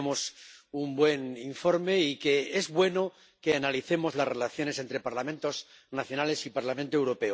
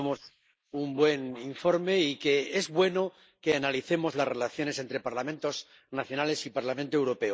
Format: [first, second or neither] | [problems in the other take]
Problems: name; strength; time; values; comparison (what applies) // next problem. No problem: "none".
first | noise reduction (neural mask model Resemble Enhance denoiser)